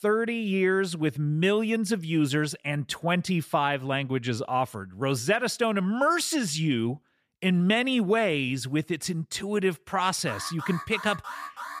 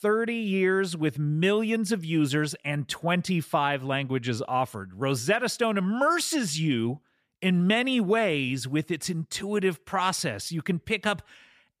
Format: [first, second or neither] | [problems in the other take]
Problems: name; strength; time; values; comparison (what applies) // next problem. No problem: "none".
second | alarm; faint; from 10 s on; peak 10 dB below the speech